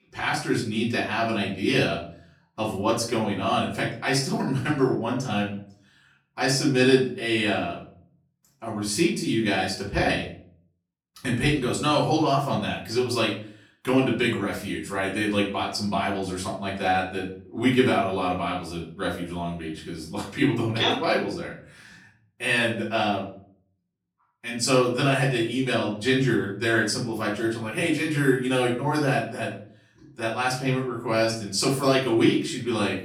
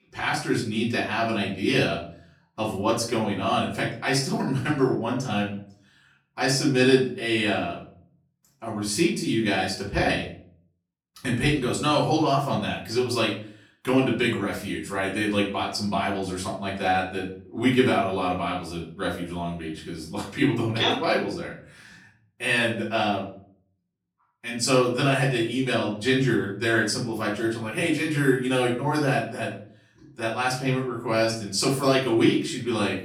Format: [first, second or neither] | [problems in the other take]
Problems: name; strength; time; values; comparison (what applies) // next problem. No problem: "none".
neither | off-mic speech; far; the same in both // room echo; slight; dies away in 0.4 s; the same in both